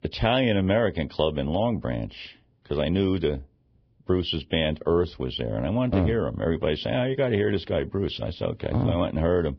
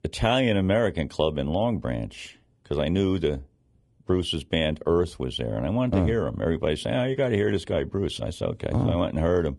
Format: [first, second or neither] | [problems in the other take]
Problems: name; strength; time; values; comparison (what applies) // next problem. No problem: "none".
second | garbled, watery; badly; nothing above 5 kHz; slightly in the second